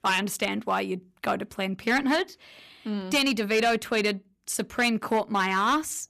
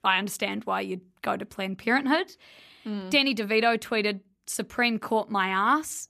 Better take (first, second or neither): second